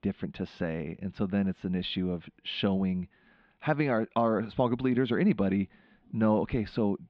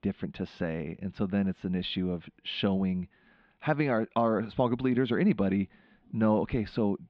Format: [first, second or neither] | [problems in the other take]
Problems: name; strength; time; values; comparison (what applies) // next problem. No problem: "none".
neither | muffled; very; fading above 3.5 kHz; the same in both